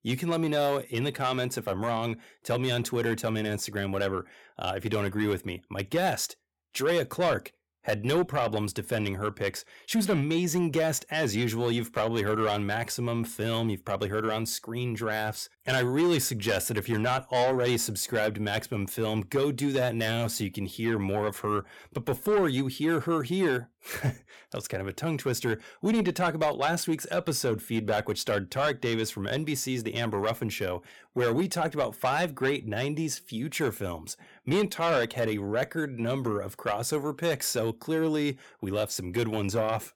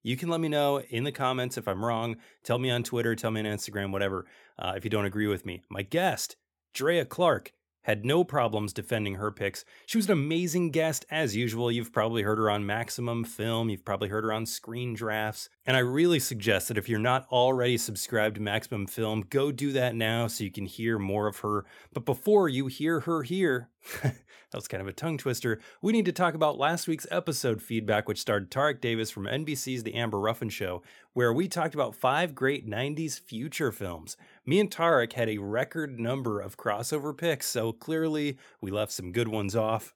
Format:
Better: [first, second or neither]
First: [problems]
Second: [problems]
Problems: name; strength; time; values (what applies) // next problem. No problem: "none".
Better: second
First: distortion; slight; 10 dB below the speech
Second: none